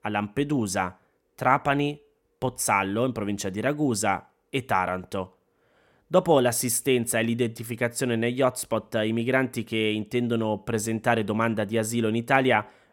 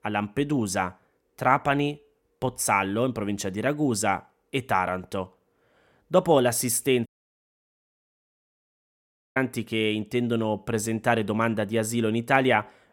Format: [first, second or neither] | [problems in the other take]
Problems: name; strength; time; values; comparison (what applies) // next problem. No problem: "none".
first | audio cutting out; at 7 s for 2.5 s